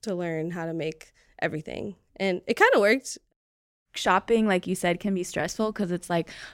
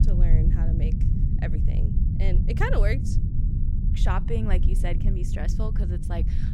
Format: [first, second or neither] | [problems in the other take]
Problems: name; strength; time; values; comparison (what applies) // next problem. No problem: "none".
first | low rumble; loud; throughout; 5 dB below the speech